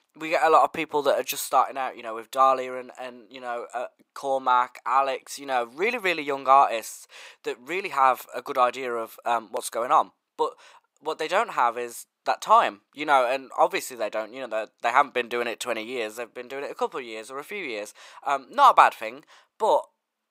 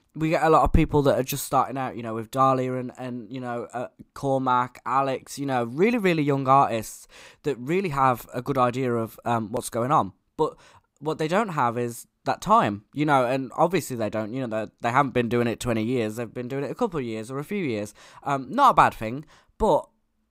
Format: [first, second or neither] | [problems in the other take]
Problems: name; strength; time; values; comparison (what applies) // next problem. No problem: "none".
second | thin; very; fading below 600 Hz